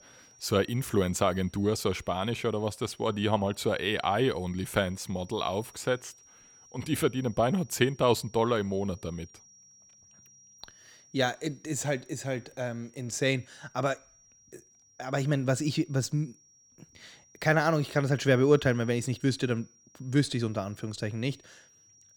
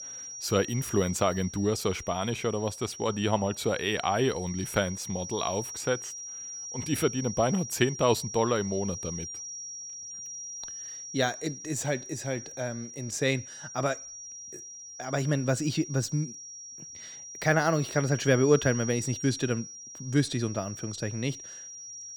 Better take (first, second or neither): first